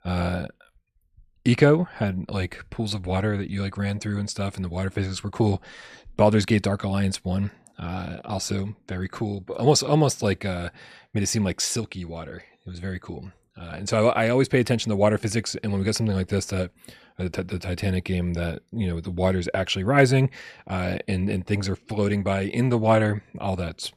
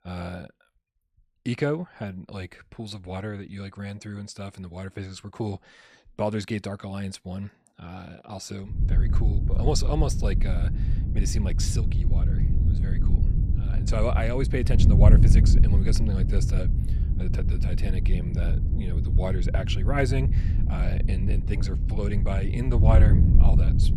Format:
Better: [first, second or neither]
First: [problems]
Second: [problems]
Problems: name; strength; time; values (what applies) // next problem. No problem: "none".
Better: first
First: none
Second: wind noise on the microphone; heavy; from 9 s on; 5 dB below the speech